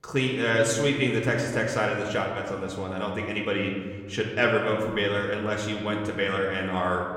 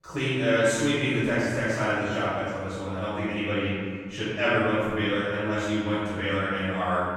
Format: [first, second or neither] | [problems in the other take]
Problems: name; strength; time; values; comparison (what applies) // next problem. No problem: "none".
first | room echo; strong; dies away in 1.8 s; slight in the first // off-mic speech; far; somewhat distant in the first